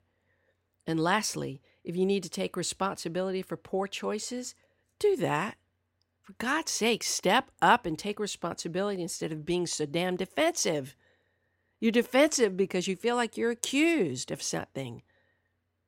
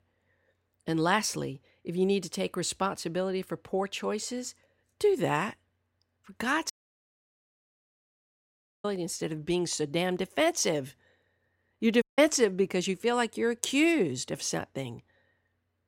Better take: first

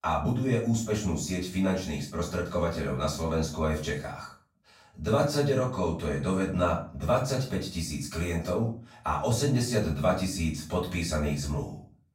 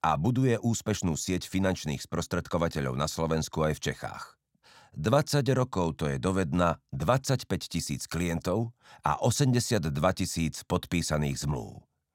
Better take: second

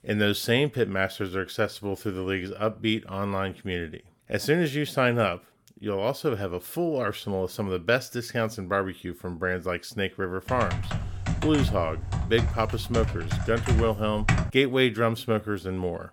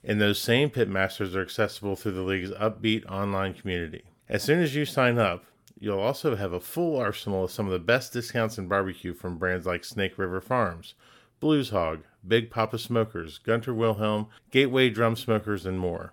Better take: second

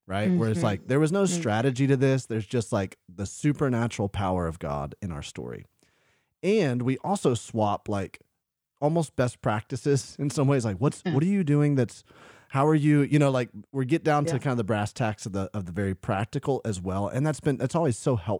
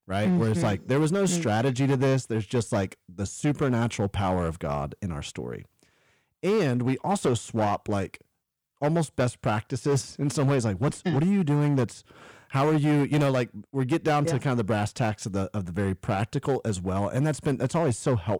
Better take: first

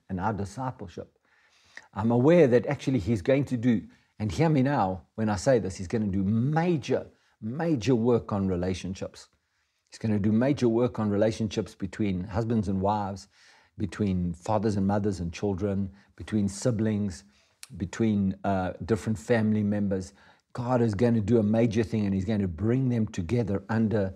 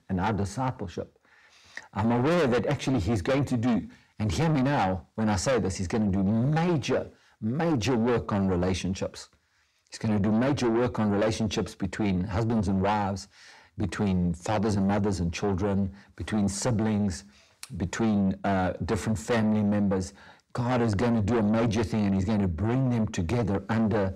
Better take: first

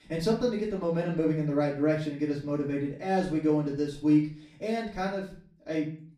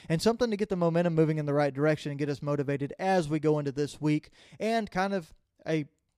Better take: second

